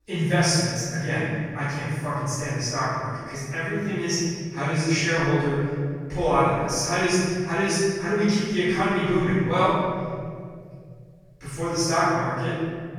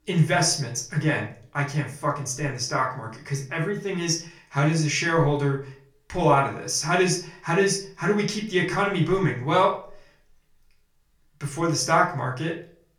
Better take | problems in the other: second | room echo; strong; dies away in 2.6 s; slight in the second // off-mic speech; far; far in the second

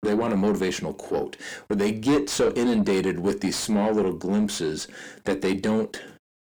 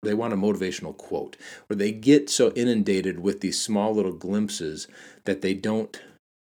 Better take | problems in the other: second | distortion; heavy; 7 dB below the speech

